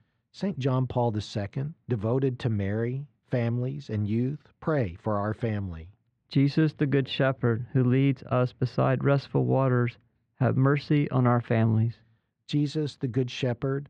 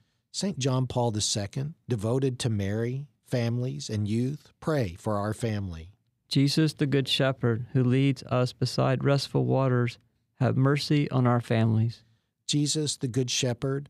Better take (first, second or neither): second